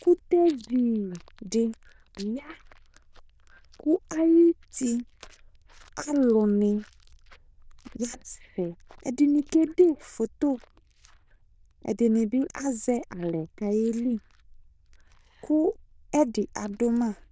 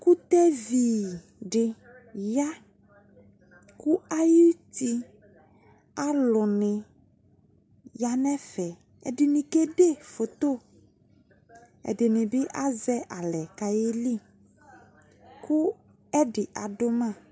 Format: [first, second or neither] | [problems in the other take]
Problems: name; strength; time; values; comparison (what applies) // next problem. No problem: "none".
second | noise reduction (neural diffusion model UNIVERSE++)